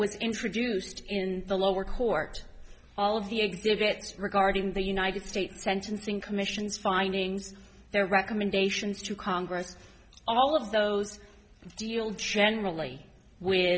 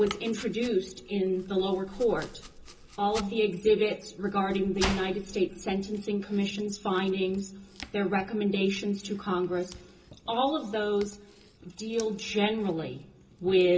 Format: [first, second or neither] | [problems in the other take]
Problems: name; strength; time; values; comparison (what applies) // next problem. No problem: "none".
first | background sound (Domestic sounds, home sounds); 16 dB below the speech // room echo; dies away in 0.2 s